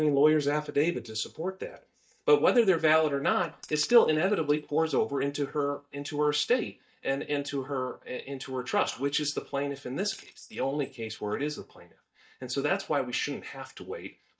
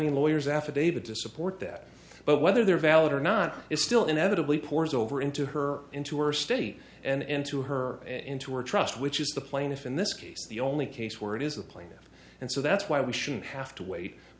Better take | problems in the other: second | noise reduction (neural mask model DeepFilterNet 3)

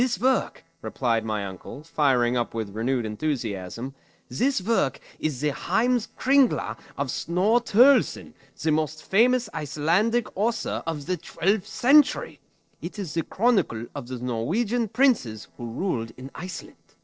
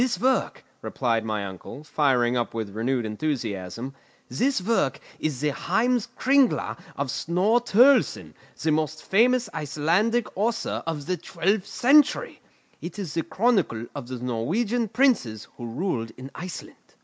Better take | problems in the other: second | noise reduction (neural separator model SepFormer DNS4)

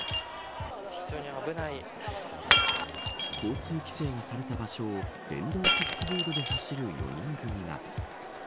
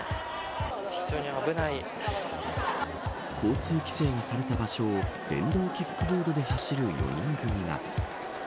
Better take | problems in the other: second | background sound (Shatter); 1 dB above the speech

